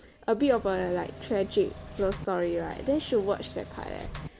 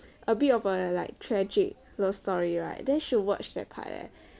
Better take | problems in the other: second | background sound (Engine / Mechanisms); 13 dB below the speech

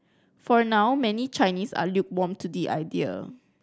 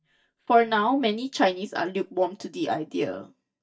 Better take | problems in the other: first | noise reduction (neural mask model DeepFilterNet 3)

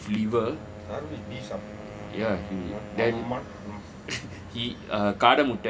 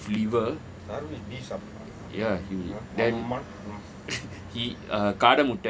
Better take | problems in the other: second | background sound (Wind instrument, woodwind instrument); 18 dB below the speech // room echo; dies away in 1.1 s

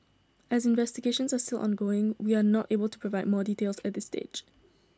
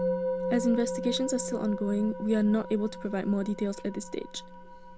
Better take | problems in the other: first | background sound (Musical instrument); 5 dB below the speech

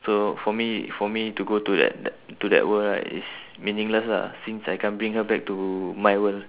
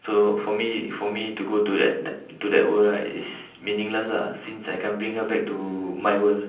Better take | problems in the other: first | room echo; dies away in 0.6 s

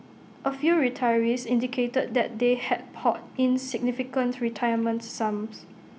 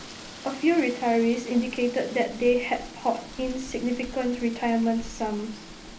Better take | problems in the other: first | background sound (Rain); 16 dB below the speech // room echo; dies away in 0.3 s

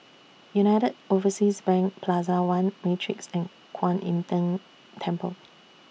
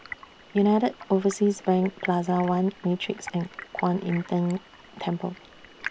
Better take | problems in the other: first | background sound (Stream); 17 dB below the speech

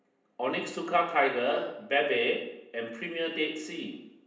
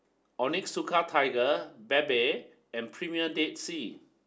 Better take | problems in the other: second | room echo; dies away in 0.8 s

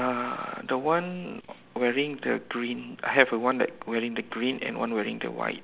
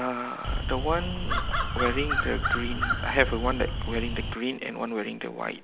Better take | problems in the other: first | background sound (Crow); 2 dB above the speech

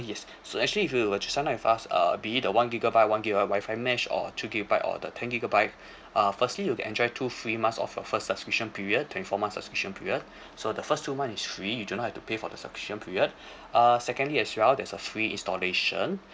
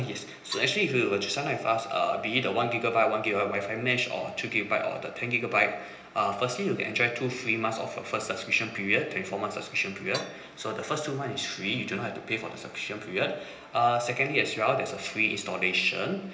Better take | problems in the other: first | background sound (Percussion); 16 dB below the speech // room echo; dies away in 1 s

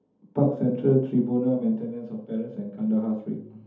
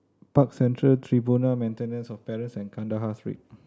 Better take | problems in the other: second | room echo; dies away in 0.6 s

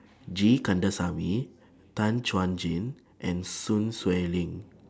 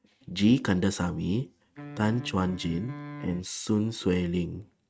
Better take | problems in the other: first | noise reduction (neural mask model RNNoise)

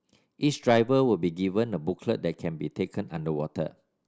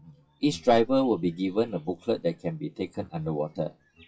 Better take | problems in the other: first | noise reduction (classical method WPE with log-MMSE)

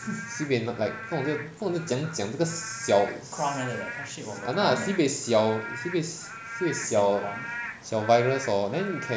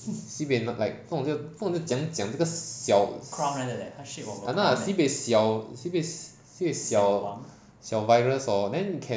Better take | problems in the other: second | background sound (Rain / Frog); 12 dB below the speech

